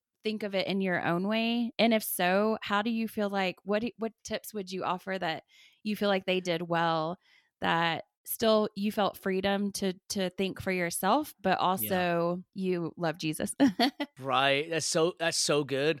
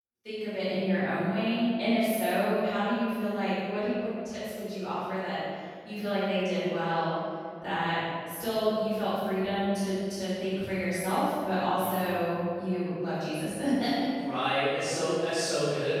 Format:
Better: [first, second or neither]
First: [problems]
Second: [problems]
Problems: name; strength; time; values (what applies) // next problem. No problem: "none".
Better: first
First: none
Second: off-mic speech; far // room echo; strong; dies away in 2 s